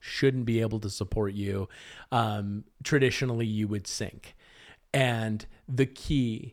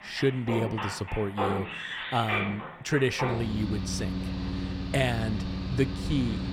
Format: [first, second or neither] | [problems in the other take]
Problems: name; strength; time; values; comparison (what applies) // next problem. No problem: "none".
first | machinery noise; loud; throughout; 3 dB below the speech